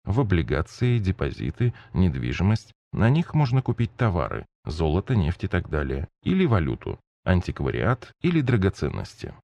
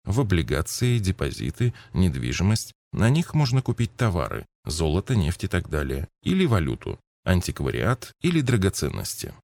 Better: second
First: muffled; slightly; fading above 3 kHz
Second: none

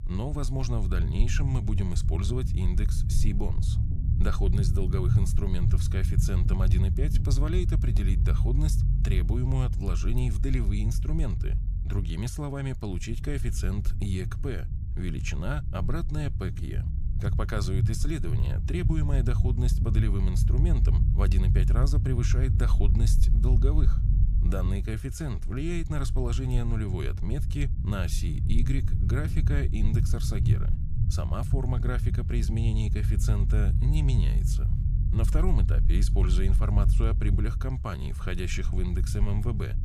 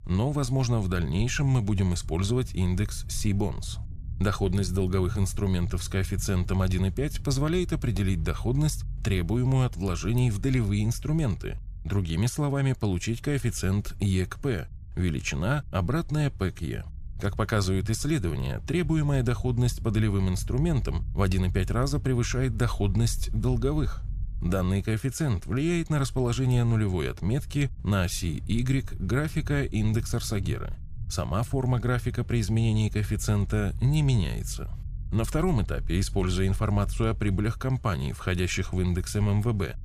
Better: second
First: low rumble; loud; throughout; 5 dB below the speech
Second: low rumble; faint; throughout; 20 dB below the speech

